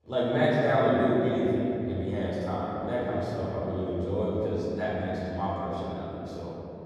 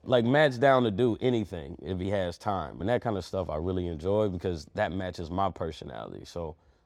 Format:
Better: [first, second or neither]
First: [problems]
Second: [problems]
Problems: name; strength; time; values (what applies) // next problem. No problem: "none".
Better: second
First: room echo; strong; dies away in 3 s // off-mic speech; far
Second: none